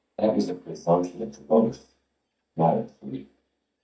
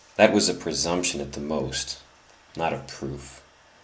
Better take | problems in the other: second | noise reduction (neural mask model DeepFilterNet 3)

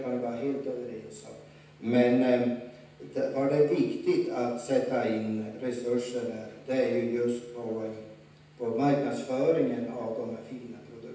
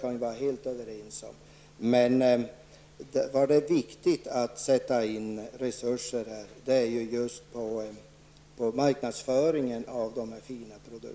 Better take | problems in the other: second | room echo; dies away in 0.9 s

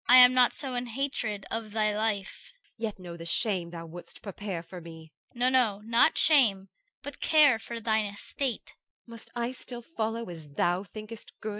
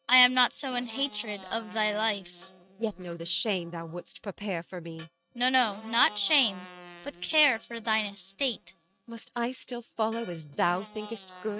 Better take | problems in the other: first | noise reduction (neural mask model RNNoise)

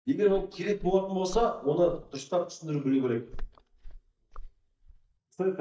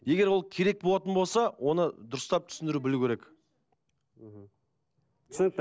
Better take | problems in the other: second | noise reduction (neural mask model DeepFilterNet 3)

